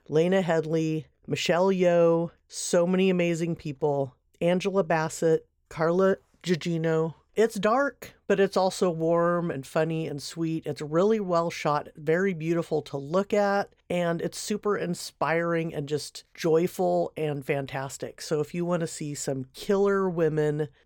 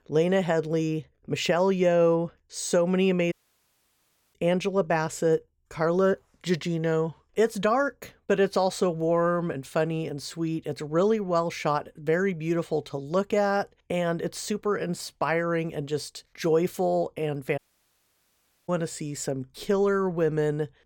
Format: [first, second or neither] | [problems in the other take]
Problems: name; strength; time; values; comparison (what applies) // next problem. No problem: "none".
first | audio cutting out; at 3.5 s for 1 s and at 18 s for 1 s